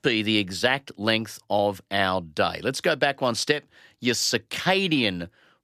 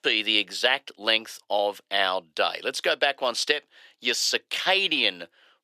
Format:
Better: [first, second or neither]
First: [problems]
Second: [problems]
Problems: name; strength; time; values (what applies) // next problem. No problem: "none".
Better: first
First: none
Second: thin; somewhat; fading below 500 Hz